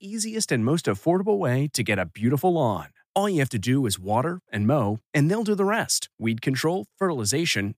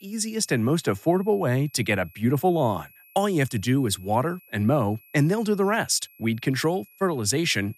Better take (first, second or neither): first